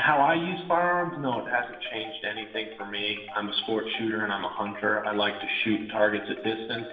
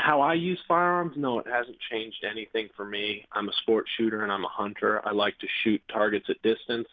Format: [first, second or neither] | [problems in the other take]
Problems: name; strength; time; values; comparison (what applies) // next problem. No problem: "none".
second | background sound (Wind chime); 16 dB below the speech // room echo; dies away in 1.1 s